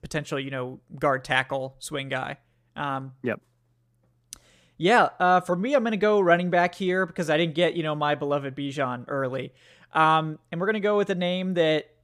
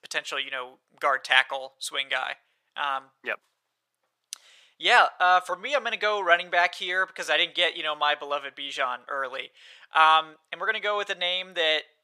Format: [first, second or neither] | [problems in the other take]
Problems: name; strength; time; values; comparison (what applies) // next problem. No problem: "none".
first | thin; very; fading below 850 Hz